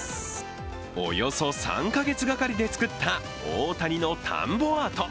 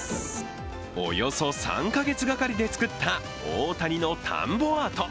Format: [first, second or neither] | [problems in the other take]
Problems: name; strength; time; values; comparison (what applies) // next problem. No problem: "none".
first | background sound (Toilet flush); 18 dB below the speech